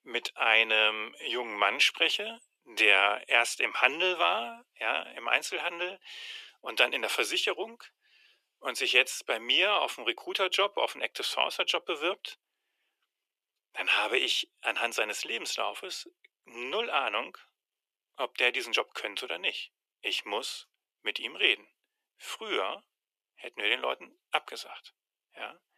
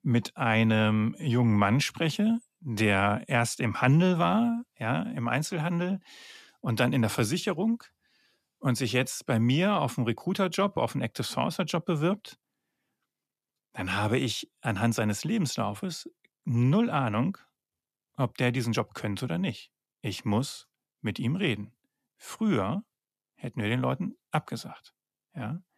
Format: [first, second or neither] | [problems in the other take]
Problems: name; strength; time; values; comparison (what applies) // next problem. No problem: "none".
second | thin; very; fading below 400 Hz